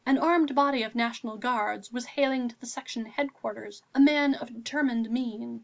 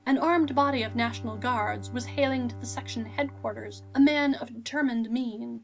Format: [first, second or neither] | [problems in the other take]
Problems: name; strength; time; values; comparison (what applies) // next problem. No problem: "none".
first | background sound (Bowed string instrument); 14 dB below the speech